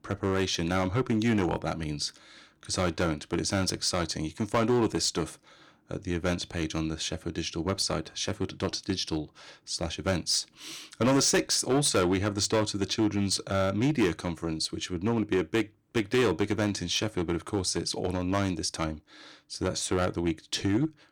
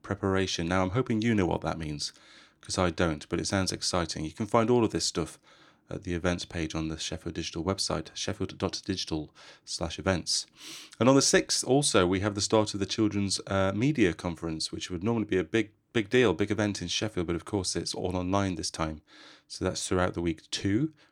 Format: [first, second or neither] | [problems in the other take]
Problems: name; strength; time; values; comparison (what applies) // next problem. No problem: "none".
second | distortion; slight; 4% of the sound clipped